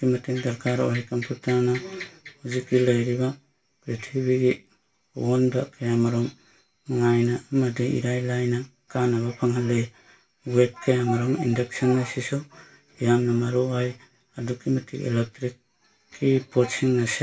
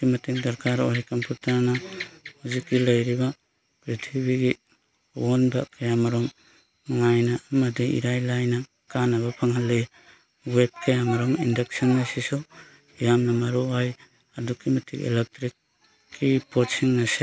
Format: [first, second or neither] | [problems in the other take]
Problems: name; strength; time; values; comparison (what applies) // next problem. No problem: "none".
second | room echo; dies away in 0.2 s